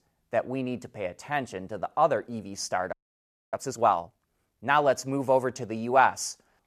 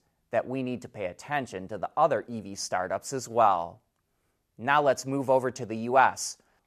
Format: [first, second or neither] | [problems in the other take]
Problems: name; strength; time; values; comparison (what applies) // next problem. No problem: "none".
second | audio freezing; at 3 s for 0.5 s